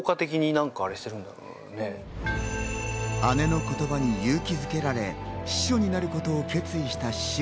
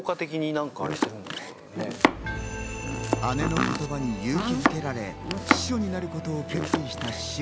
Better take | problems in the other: first | background sound (Domestic sounds, home sounds); as loud as the speech

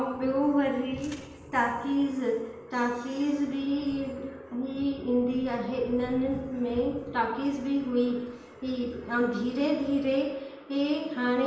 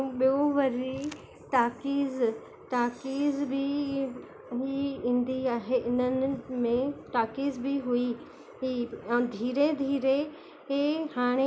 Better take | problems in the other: second | room echo; dies away in 0.8 s

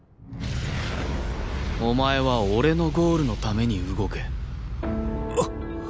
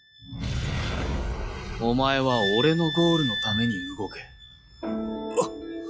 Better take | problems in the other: first | noise reduction (classical method log-MMSE)

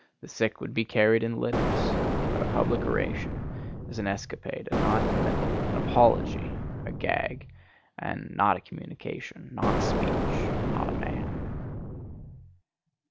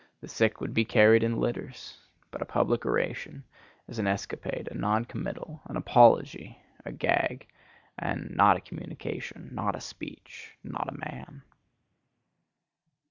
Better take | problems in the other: second | background sound (Explosion); 2 dB above the speech

